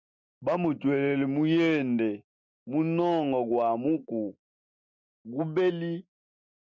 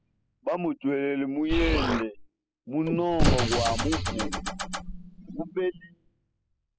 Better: first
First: none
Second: noise reduction (classical method spectral subtraction)

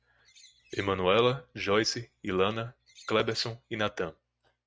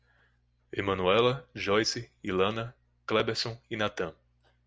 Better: second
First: noise reduction (neural mask model RNNoise)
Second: none

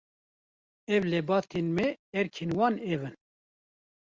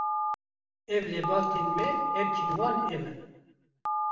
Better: first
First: none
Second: background sound (Telephone); 2 dB above the speech // room echo; dies away in 1 s

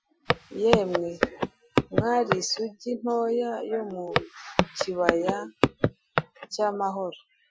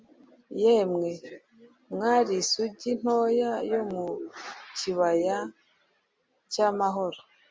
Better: second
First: noise reduction (classical method Wiener filter)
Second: none

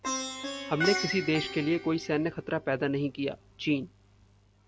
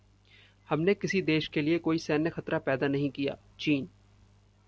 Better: second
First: background sound (Plucked string instrument); 7 dB below the speech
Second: none

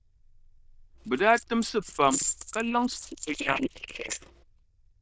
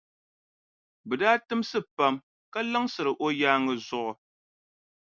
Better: second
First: noise reduction (neural diffusion model UNIVERSE++)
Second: none

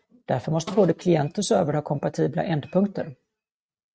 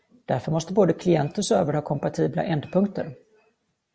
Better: second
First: noise reduction (neural mask model RNNoise)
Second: none

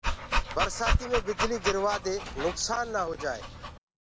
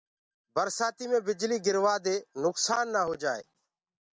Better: second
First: background sound (Dog); 1 dB above the speech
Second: none

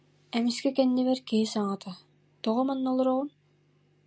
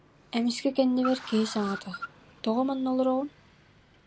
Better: first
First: none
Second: background sound (Car); 15 dB below the speech

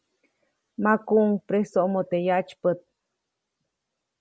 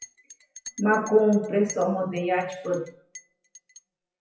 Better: first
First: none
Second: noise reduction (classical method WPE with log-MMSE)

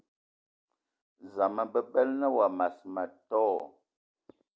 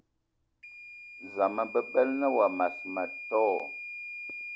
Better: first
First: none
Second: background sound (Microwave oven / Alarm); 12 dB below the speech

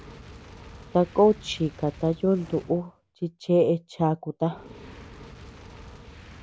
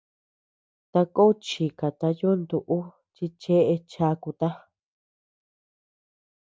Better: second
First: background sound (Fire); 19 dB below the speech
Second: none

